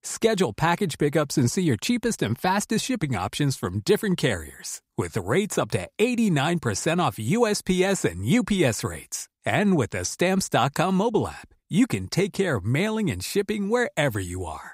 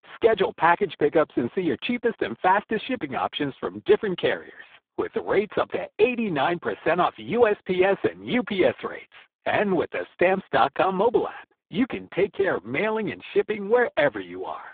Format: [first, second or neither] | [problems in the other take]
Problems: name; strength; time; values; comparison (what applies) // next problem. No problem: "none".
first | phone-call audio; poor line